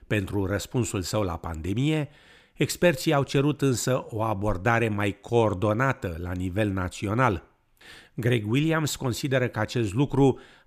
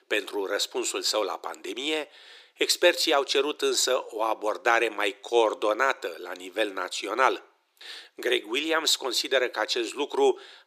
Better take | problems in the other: first | thin; very; fading below 350 Hz

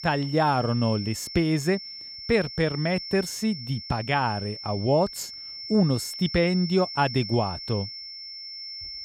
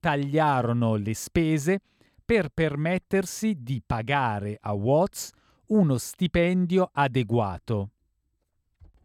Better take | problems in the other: second | high-pitched whine; loud; throughout; 5.5 kHz, 10 dB below the speech

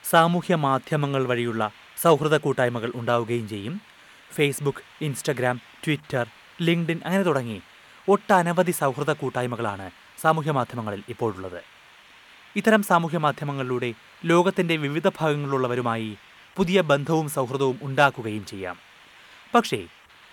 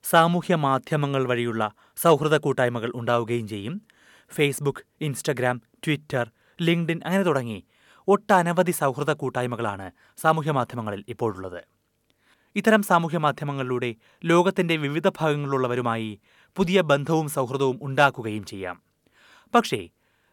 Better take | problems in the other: second | hiss; faint; throughout; 25 dB below the speech

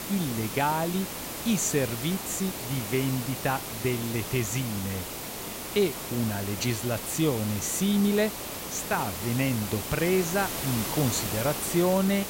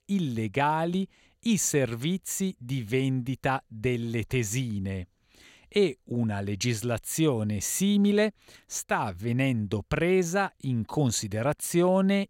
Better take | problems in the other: second | hiss; loud; throughout; 5 dB below the speech

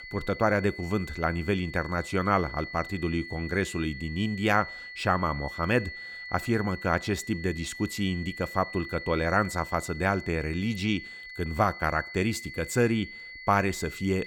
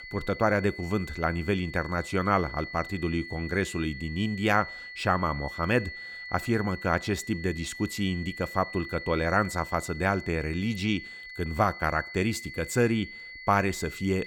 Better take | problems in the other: neither | high-pitched whine; noticeable; throughout; 2 kHz, 10 dB below the speech; the same in both

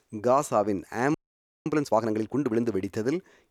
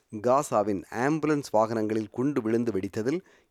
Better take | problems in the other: second | audio freezing; at 1 s for 0.5 s

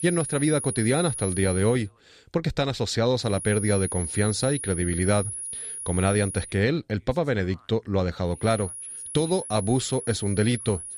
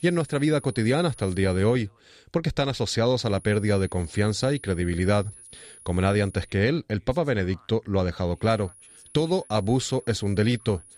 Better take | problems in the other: second | high-pitched whine; loud; until 1.5 s, from 3.5 to 6.5 s and from 8.5 s on; 10.5 kHz, 7 dB below the speech; faint in the second

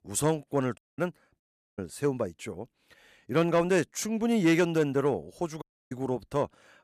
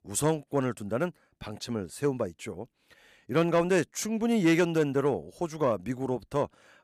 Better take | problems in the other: second | audio cutting out; at 1 s, at 1.5 s and at 5.5 s

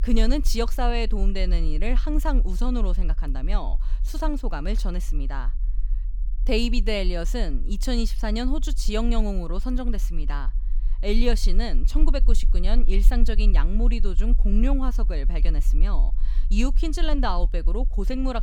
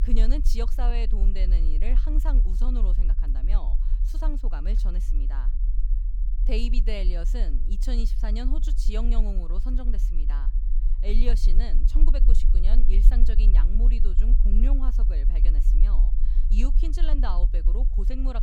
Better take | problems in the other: first | low rumble; loud; throughout; 10 dB below the speech; faint in the first

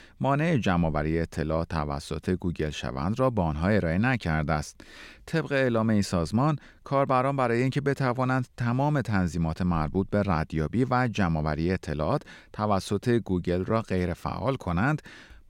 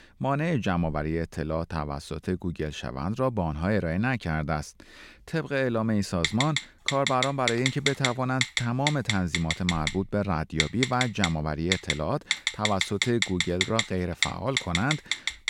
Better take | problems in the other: first | phone ringing; loud; from 6 s on; peak 2 dB above the speech

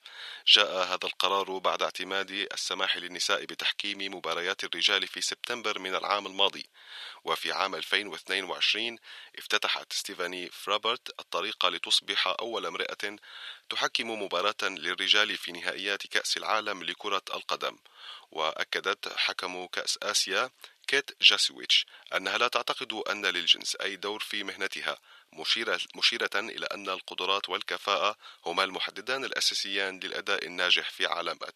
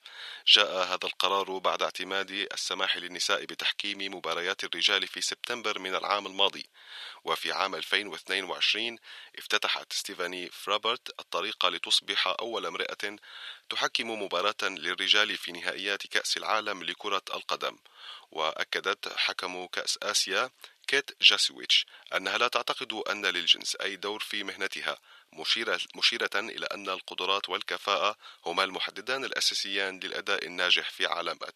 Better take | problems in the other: neither | thin; very; fading below 950 Hz; the same in both

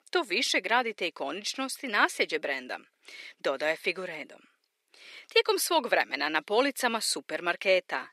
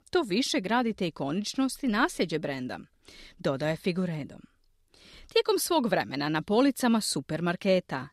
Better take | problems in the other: second | thin; somewhat; fading below 400 Hz

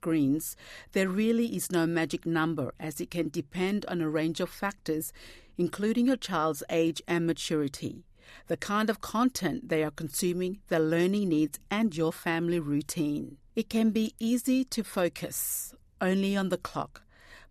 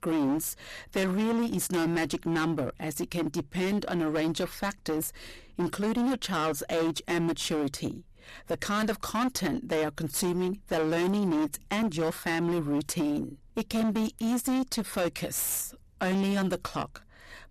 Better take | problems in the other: first | distortion; heavy; 22% of the sound clipped

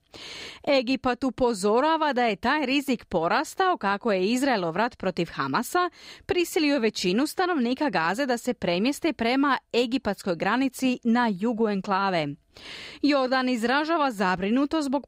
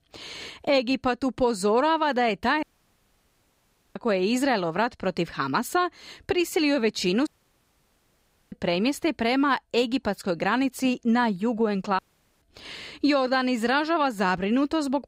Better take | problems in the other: first | audio cutting out; at 2.5 s for 1.5 s, at 7.5 s for 1.5 s and at 12 s

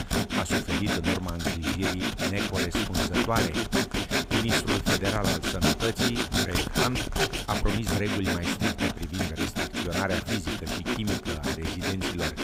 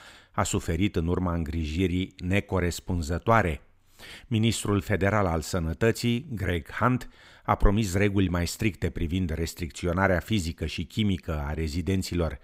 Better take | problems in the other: second | machinery noise; very loud; throughout; 5 dB above the speech

